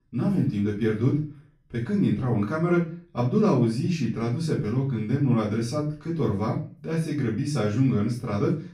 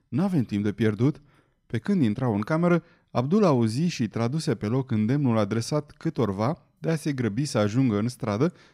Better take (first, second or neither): second